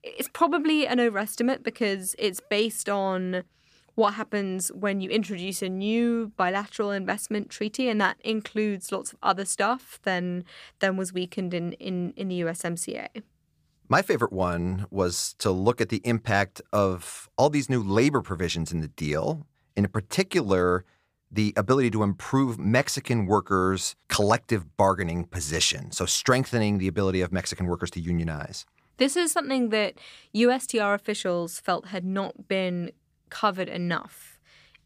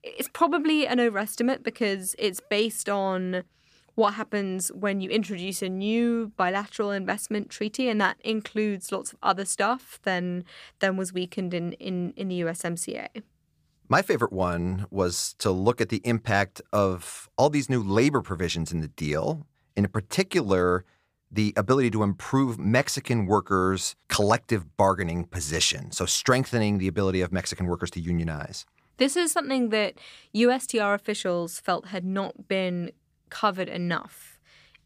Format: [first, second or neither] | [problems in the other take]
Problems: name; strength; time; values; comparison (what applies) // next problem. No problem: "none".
neither | none